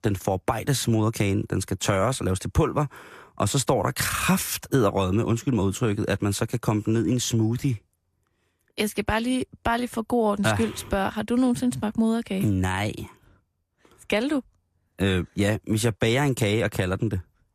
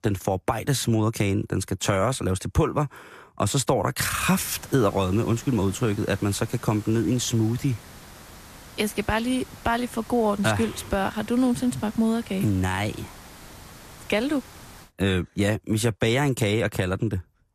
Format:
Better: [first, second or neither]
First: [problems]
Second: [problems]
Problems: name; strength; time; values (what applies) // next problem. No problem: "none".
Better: first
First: none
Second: hiss; noticeable; from 4.5 to 15 s; 20 dB below the speech